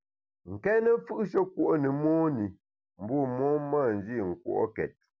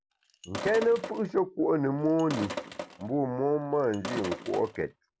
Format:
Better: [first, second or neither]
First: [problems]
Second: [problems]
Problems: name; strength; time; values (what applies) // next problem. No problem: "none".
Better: first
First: none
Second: background sound (Sink (filling or washing)); 11 dB below the speech